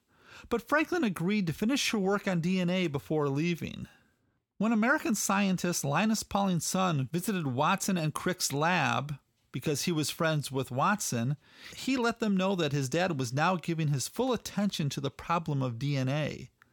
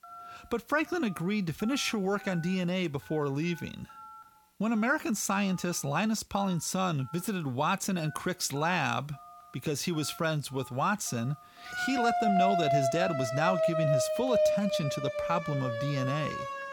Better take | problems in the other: first | alarms or sirens; very loud; throughout; 1 dB above the speech

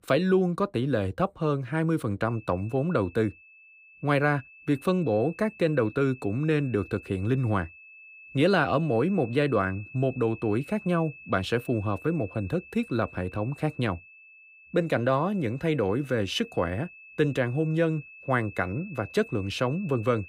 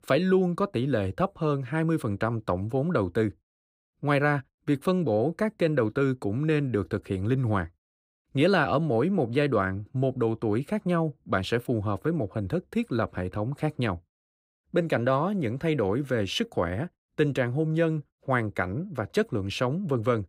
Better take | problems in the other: second | high-pitched whine; noticeable; from 2.5 s on; 2.5 kHz, 20 dB below the speech

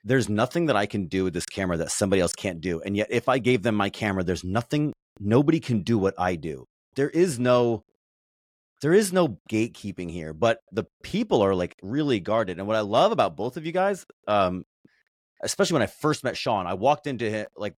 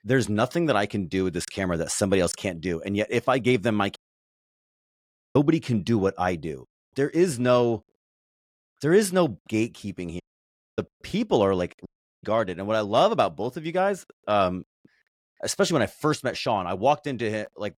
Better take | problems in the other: first | audio cutting out; at 4 s for 1.5 s, at 10 s for 0.5 s and at 12 s

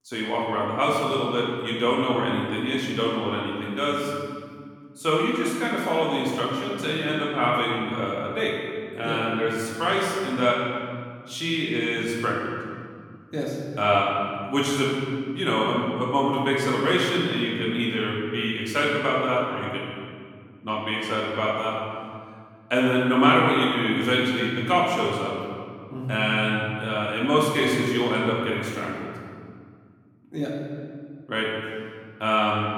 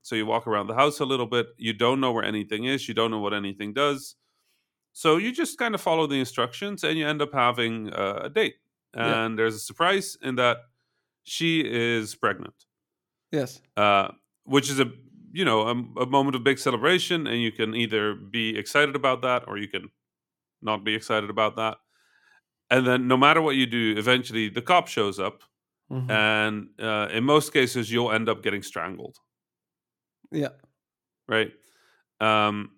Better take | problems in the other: second | room echo; noticeable; dies away in 2.1 s // off-mic speech; far

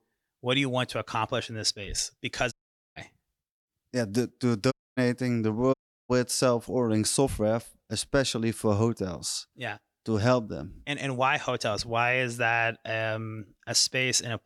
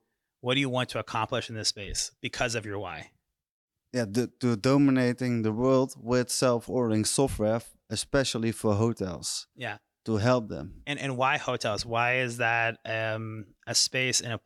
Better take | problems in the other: second | audio cutting out; at 2.5 s, at 4.5 s and at 5.5 s

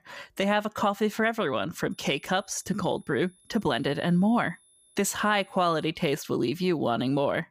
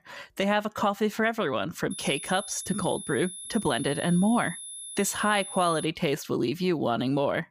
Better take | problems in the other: first | high-pitched whine; loud; from 2 to 6 s; 10.5 kHz, 10 dB below the speech; faint in the first

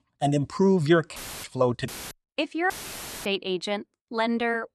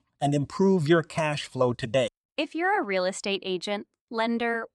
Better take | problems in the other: second | audio cutting out; filled with static; at 1 s, at 2 s and at 2.5 s for 0.5 s

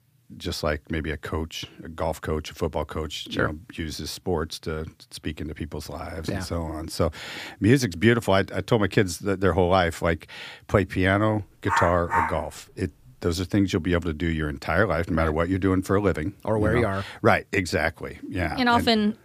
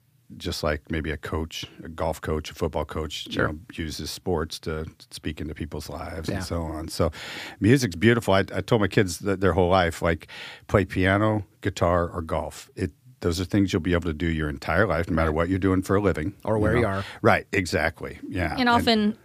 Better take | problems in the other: second | dog barking; loud; at 12 s; peak level with the speech

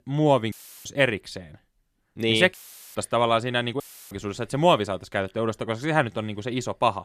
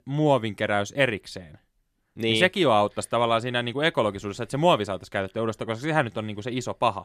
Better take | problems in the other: second | audio cutting out; filled with static; at 0.5 s, at 2.5 s and at 4 s

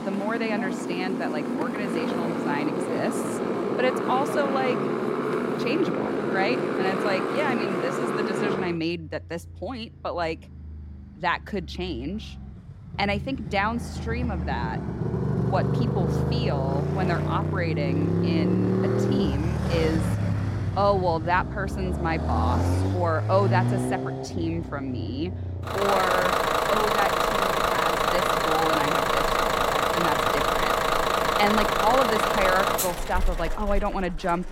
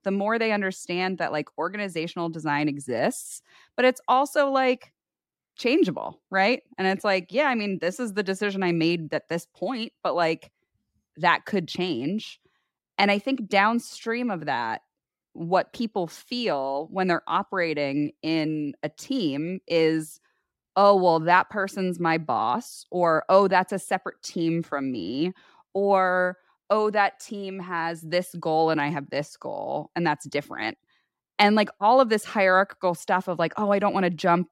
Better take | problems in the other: second | traffic noise; very loud; throughout; 3 dB above the speech

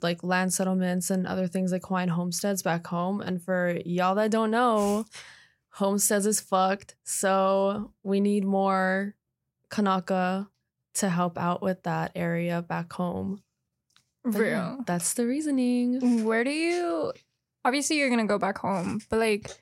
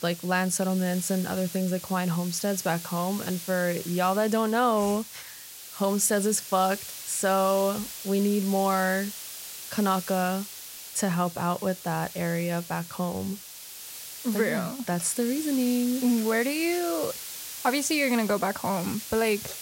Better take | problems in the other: first | hiss; noticeable; throughout; 10 dB below the speech

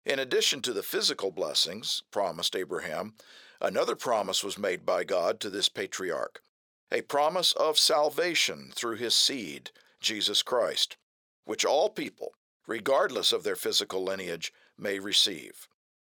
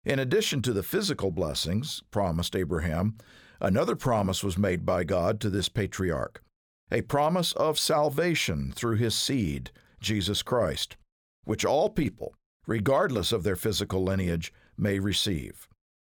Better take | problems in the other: second | thin; somewhat; fading below 450 Hz

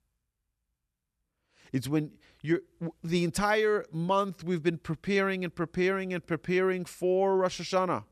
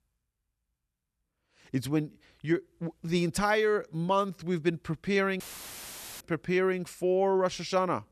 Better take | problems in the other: first | audio cutting out; filled with static; at 5.5 s for 1 s

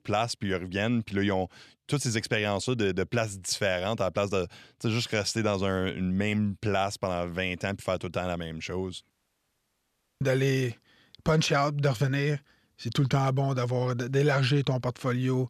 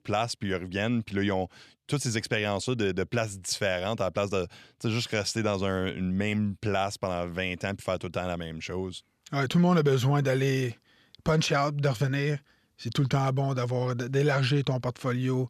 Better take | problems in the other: second | audio cutting out; at 9 s for 1 s

